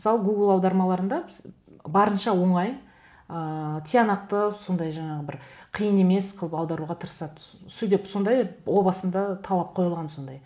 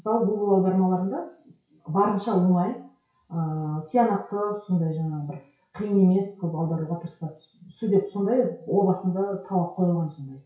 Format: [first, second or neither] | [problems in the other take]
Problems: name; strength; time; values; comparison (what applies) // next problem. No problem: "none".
first | noise reduction (classical method WPE with log-MMSE)